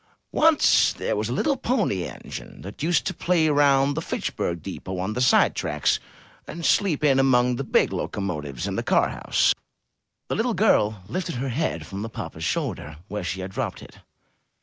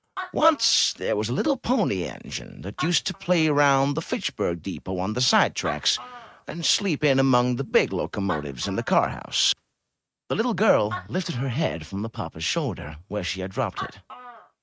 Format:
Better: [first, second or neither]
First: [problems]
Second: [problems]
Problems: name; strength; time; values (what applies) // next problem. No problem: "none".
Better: first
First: none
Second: noise reduction (neural mask model RNNoise)